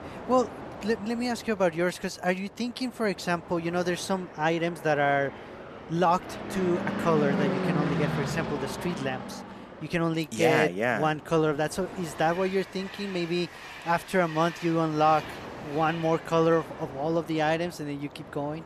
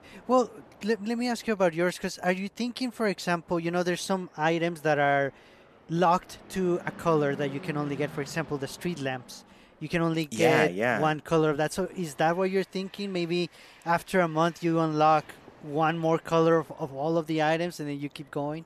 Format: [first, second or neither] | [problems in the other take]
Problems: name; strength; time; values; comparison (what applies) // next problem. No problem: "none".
second | train or aircraft noise; loud; throughout; 9 dB below the speech; faint in the second